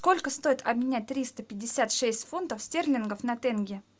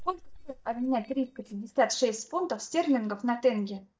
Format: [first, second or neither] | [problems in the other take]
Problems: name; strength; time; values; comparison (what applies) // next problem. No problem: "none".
first | noise reduction (neural mask model DeepFilterNet 3)